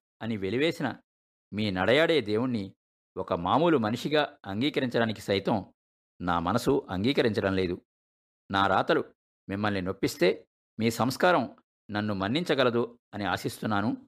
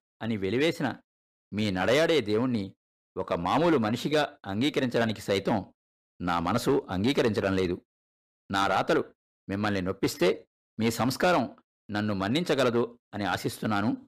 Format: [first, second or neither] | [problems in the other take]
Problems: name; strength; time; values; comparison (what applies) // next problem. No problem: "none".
first | distortion; slight; 4% of the sound clipped